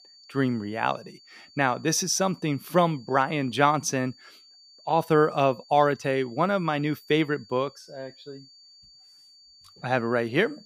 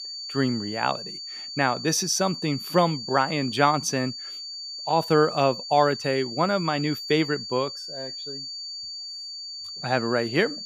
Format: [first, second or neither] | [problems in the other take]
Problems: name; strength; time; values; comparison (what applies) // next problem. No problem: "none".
first | high-pitched whine; loud; throughout; 4.5 kHz, 9 dB below the speech; faint in the first